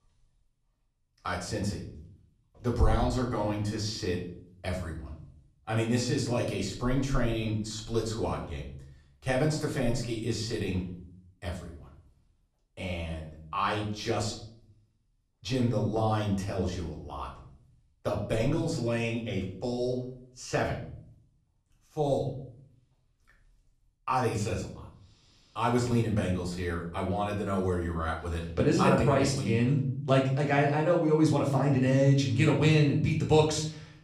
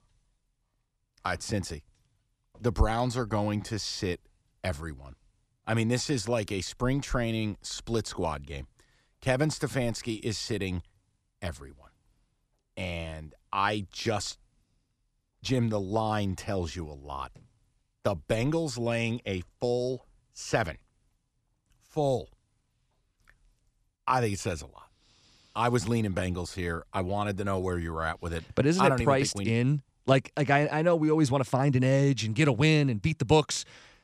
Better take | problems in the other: second | room echo; slight; dies away in 0.6 s // off-mic speech; far

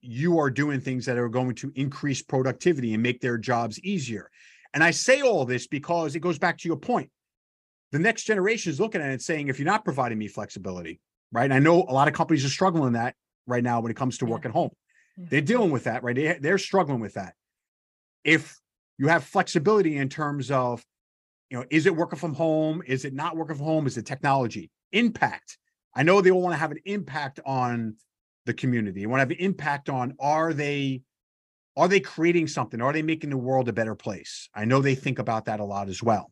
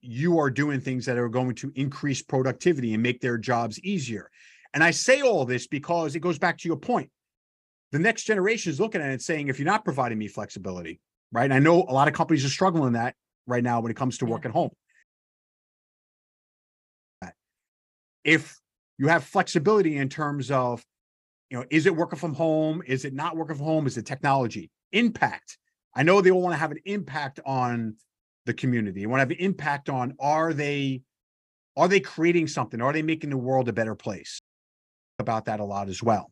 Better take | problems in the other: first | audio cutting out; at 15 s for 2 s and at 34 s for 1 s

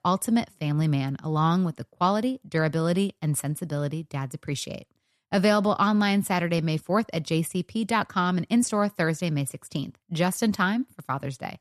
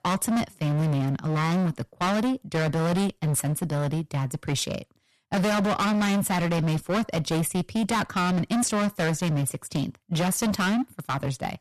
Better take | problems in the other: first | distortion; heavy; 30% of the sound clipped

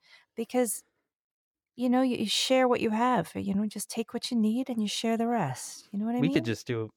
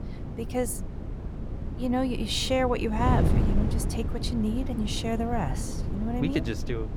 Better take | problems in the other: first | wind noise on the microphone; heavy; 9 dB below the speech

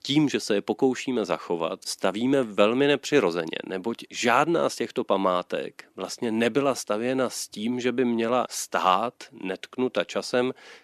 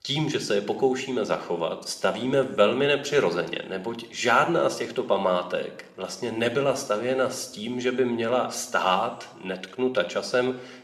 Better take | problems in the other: first | room echo; very slight; dies away in 0.7 s

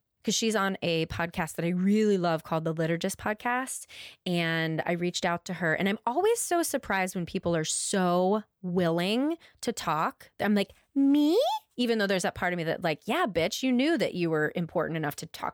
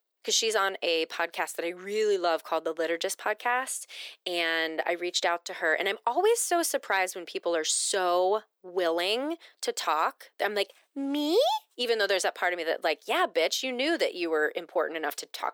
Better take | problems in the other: first | thin; somewhat; fading below 350 Hz

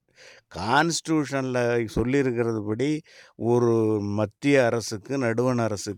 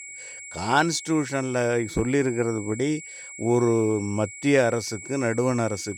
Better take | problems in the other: first | high-pitched whine; noticeable; throughout; 2 kHz, 15 dB below the speech

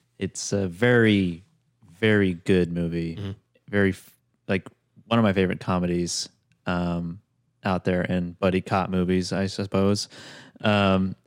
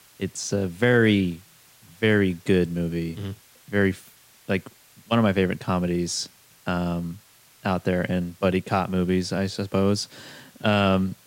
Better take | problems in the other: first | hiss; faint; throughout; 30 dB below the speech

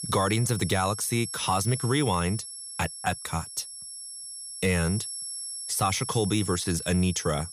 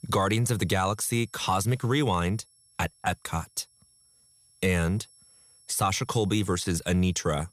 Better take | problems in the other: second | high-pitched whine; loud; throughout; 11 kHz, 7 dB below the speech; faint in the second

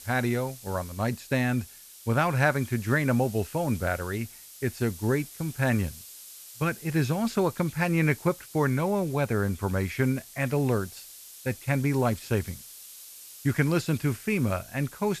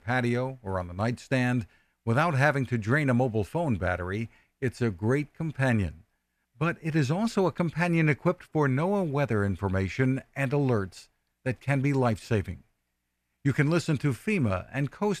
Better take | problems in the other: second | hiss; noticeable; throughout; 15 dB below the speech

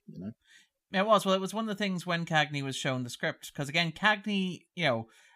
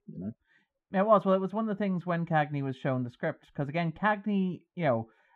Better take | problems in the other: first | muffled; very; fading above 3 kHz

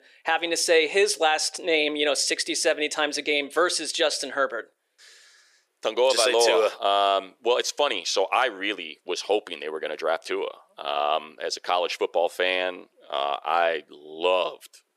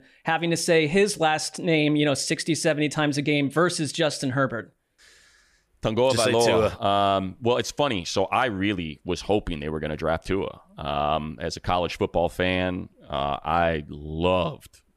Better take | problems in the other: second | thin; very; fading below 400 Hz

